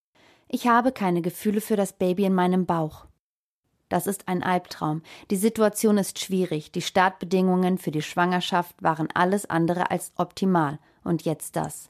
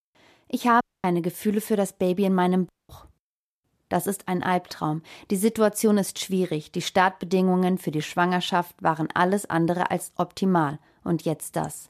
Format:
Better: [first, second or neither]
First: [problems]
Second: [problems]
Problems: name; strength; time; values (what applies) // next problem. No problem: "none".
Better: first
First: none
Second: audio cutting out; at 1 s and at 2.5 s